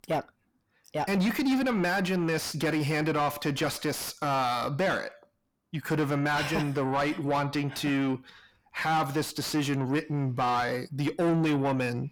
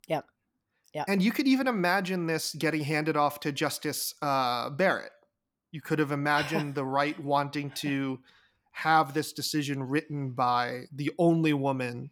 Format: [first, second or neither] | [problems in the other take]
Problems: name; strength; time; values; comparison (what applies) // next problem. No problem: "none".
second | distortion; heavy; 7 dB below the speech